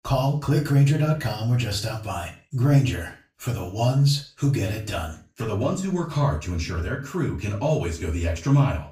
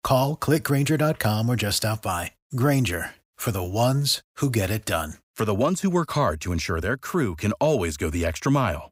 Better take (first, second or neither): second